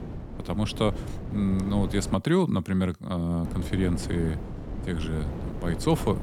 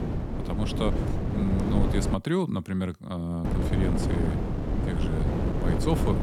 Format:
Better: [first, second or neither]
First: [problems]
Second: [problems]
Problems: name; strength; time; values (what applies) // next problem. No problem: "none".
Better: first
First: wind noise on the microphone; occasional gusts; until 2 s and from 3.5 s on; 10 dB below the speech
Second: wind noise on the microphone; heavy; until 2 s and from 3.5 s on; as loud as the speech